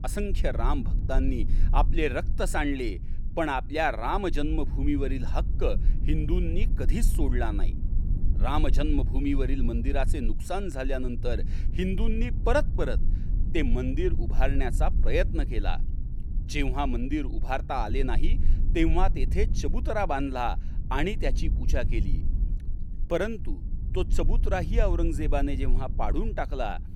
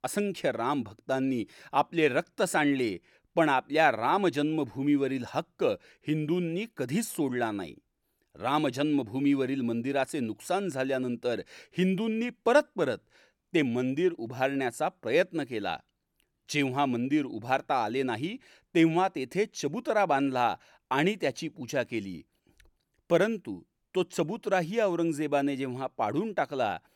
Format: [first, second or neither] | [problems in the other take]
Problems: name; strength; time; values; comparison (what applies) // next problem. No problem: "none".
second | low rumble; noticeable; throughout; 15 dB below the speech